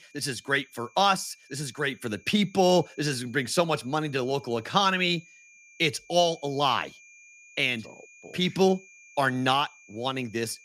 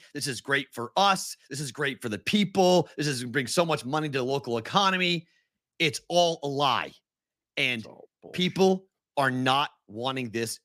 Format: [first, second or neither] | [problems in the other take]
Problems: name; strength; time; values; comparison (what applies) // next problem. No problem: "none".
second | high-pitched whine; faint; throughout; 2.5 kHz, 25 dB below the speech